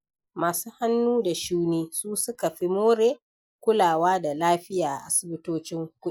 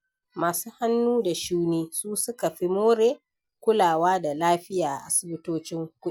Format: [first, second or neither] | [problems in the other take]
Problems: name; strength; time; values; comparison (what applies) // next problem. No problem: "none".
second | noise reduction (neural mask model Resemble Enhance denoiser)